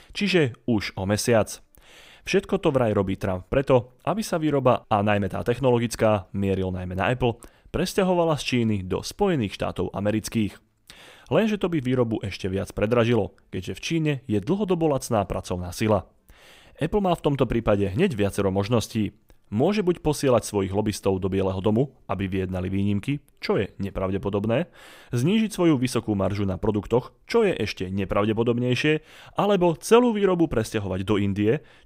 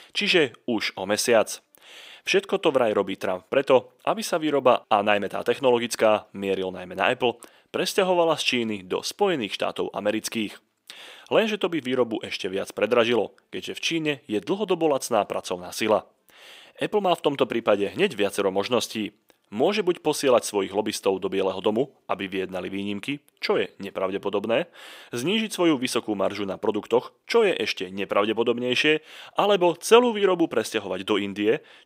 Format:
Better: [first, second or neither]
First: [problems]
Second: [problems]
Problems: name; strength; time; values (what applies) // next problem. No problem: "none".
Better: first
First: none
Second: thin; somewhat; fading below 300 Hz